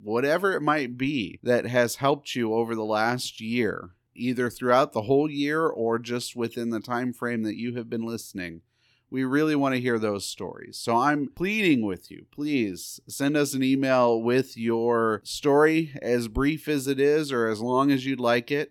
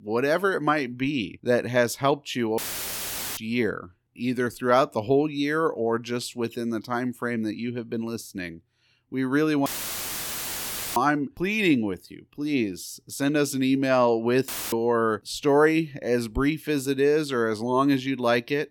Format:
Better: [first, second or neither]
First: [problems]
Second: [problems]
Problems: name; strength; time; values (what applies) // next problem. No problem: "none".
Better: first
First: none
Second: audio cutting out; filled with static; at 2.5 s for 1 s, at 9.5 s for 1.5 s and at 14 s